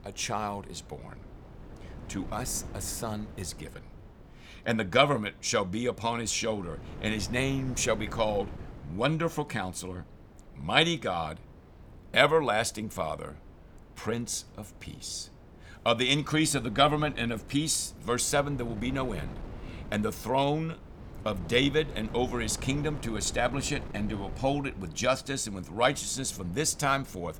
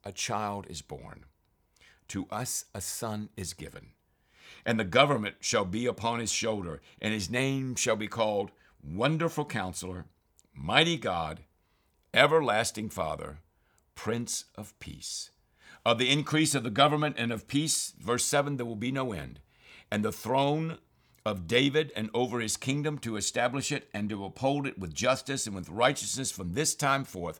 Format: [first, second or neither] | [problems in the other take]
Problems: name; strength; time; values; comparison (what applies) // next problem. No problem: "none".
second | wind noise on the microphone; occasional gusts; 20 dB below the speech